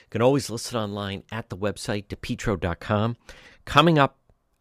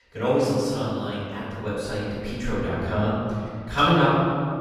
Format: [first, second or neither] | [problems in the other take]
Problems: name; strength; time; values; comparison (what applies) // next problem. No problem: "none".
first | room echo; strong; dies away in 2.2 s // off-mic speech; far